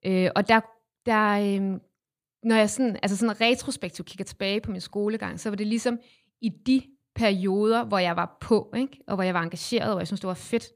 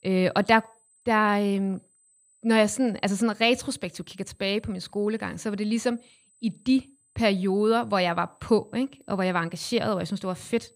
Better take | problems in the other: first | high-pitched whine; faint; throughout; 8 kHz, 35 dB below the speech

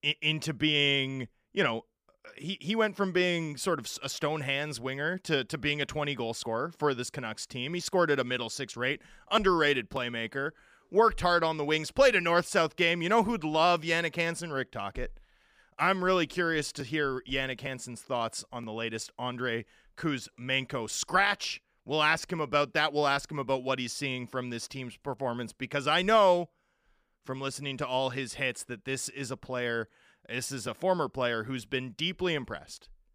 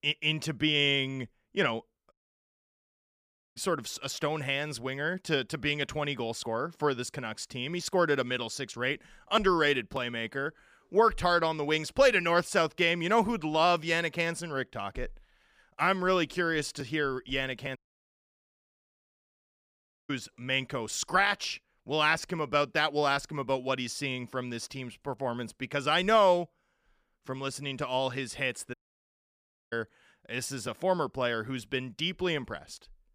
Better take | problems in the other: first | audio cutting out; at 2 s for 1.5 s, at 18 s for 2.5 s and at 29 s for 1 s

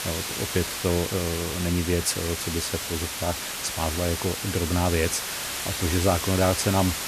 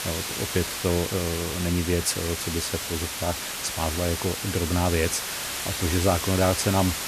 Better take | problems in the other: neither | hiss; loud; throughout; 3 dB below the speech; the same in both

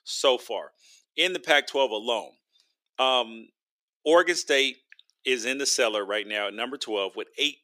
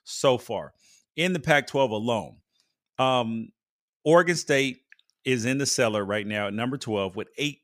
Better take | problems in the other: second | thin; somewhat; fading below 350 Hz

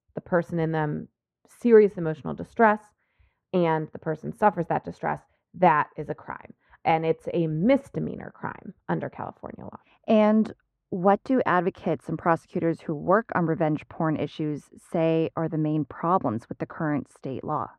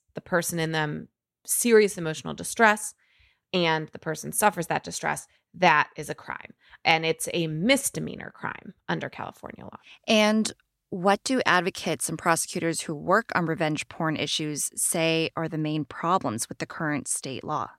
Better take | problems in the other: second | muffled; very; fading above 3 kHz

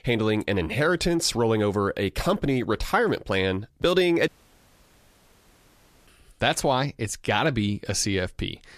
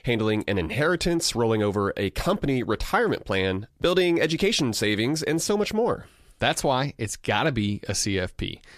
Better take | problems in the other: second | audio cutting out; at 4.5 s for 2 s

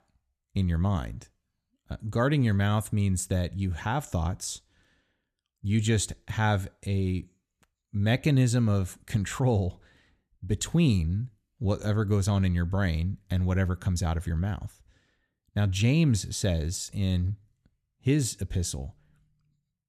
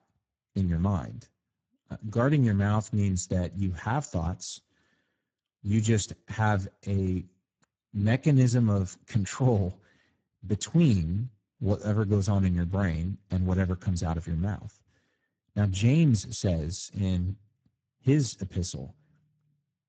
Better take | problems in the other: first | garbled, watery; badly; nothing above 7.5 kHz

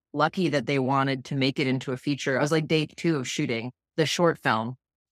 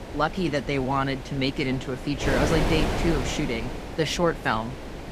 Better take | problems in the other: first | wind noise on the microphone; heavy; 6 dB below the speech

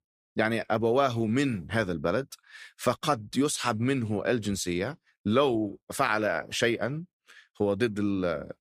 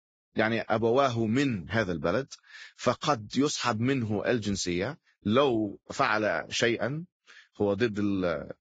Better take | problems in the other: first | garbled, watery; badly; nothing above 7.5 kHz

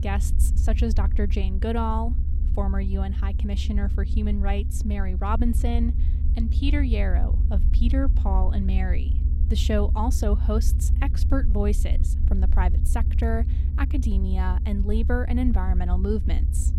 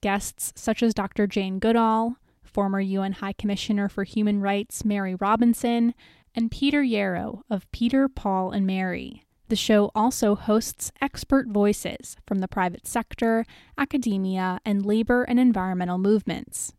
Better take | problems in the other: second | low rumble; noticeable; throughout; 10 dB below the speech

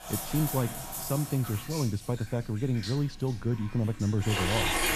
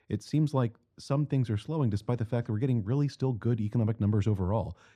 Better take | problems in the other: second | household noises; loud; throughout; 3 dB below the speech

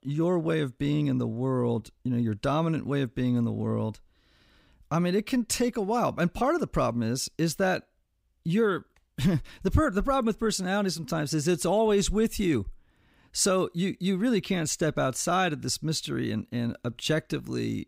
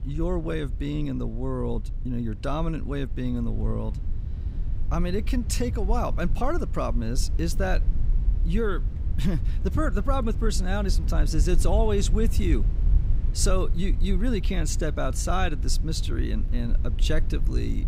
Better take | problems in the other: first | low rumble; noticeable; throughout; 15 dB below the speech

